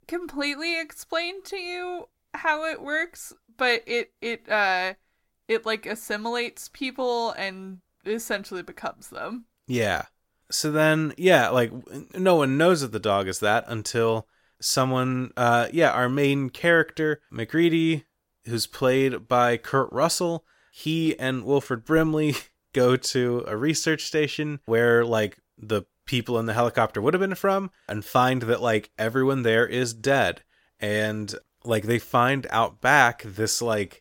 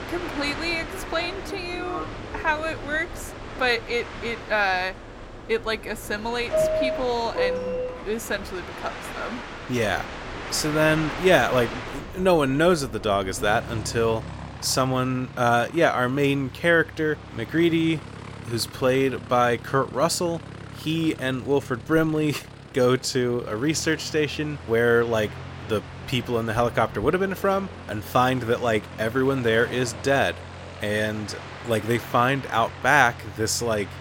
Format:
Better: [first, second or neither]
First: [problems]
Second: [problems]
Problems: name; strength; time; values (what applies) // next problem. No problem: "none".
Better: first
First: none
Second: train or aircraft noise; noticeable; throughout; 10 dB below the speech